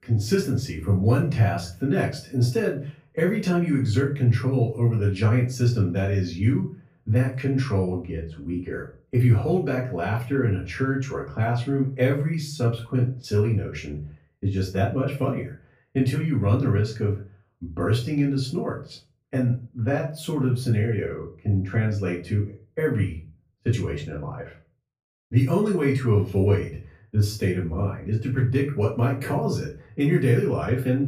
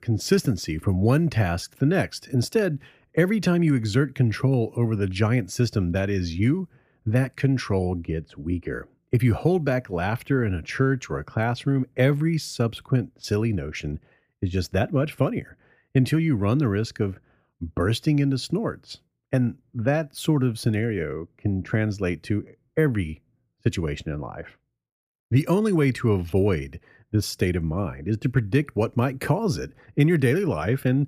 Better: second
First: off-mic speech; far // room echo; slight; dies away in 0.3 s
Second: none

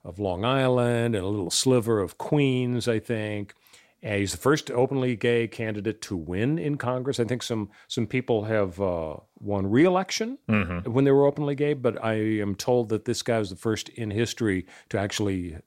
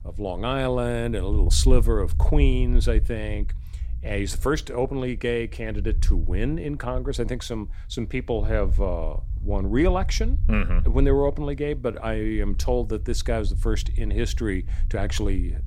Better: first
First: none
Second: low rumble; noticeable; throughout; 20 dB below the speech

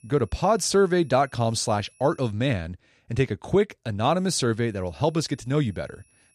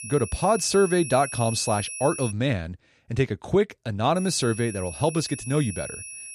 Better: first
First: high-pitched whine; faint; until 2.5 s and from 4 s on; 10.5 kHz, 35 dB below the speech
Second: high-pitched whine; loud; until 2.5 s and from 4 s on; 10.5 kHz, 10 dB below the speech

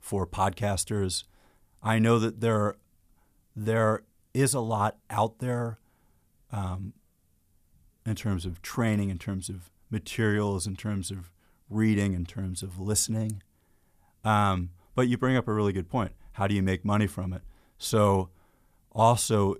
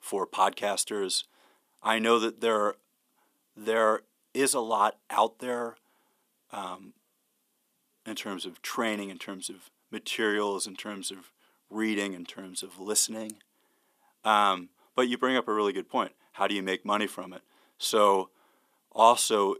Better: first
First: none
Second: thin; somewhat; fading below 300 Hz

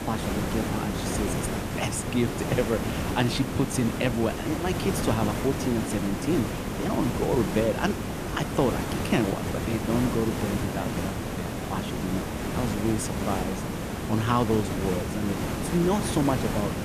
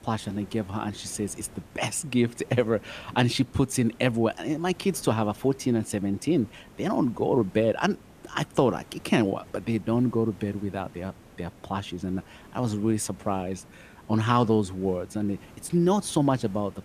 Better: second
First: hiss; loud; throughout; 2 dB below the speech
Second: hiss; faint; throughout; 25 dB below the speech

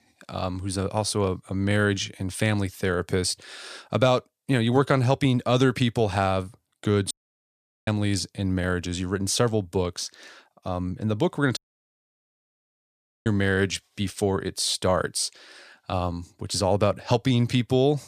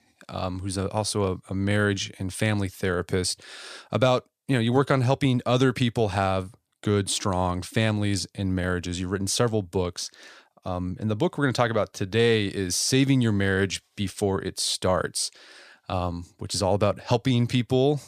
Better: second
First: audio cutting out; at 7 s for 1 s and at 12 s for 1.5 s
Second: none

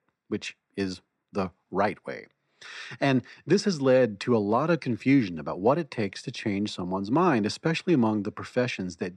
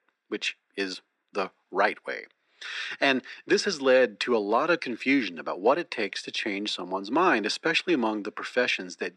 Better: first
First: none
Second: thin; very slightly; fading below 300 Hz

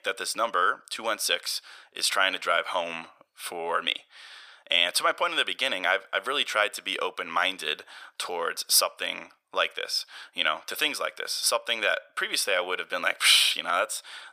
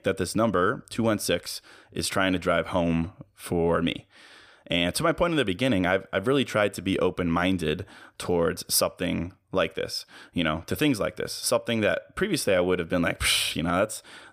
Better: second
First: thin; very; fading below 950 Hz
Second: none

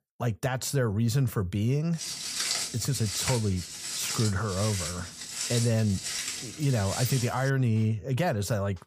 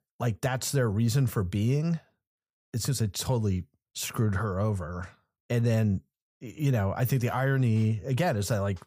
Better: second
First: footsteps; loud; from 2 to 7.5 s; peak 1 dB above the speech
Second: none

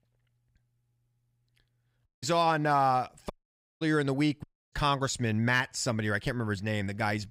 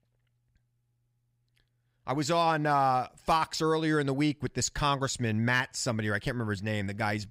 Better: second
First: audio cutting out; at 2 s, at 3.5 s for 0.5 s and at 4.5 s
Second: none

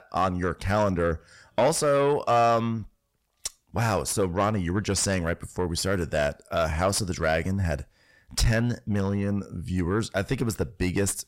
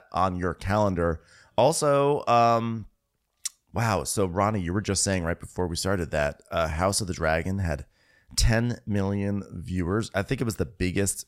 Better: second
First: distortion; slight; 10 dB below the speech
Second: none

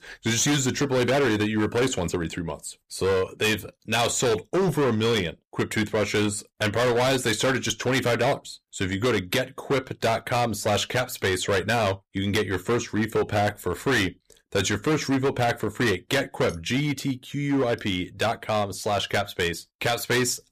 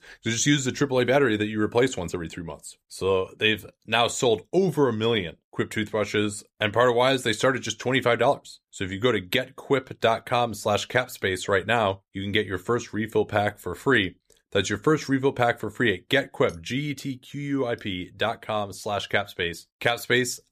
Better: second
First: distortion; heavy; 16% of the sound clipped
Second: none

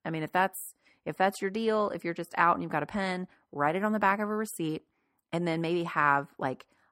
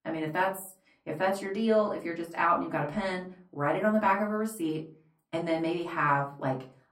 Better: first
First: none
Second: off-mic speech; far // room echo; very slight; dies away in 0.3 s

